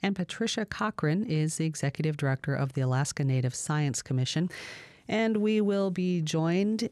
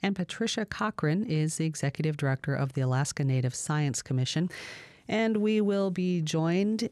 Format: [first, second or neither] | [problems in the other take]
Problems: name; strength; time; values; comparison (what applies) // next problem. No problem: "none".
neither | none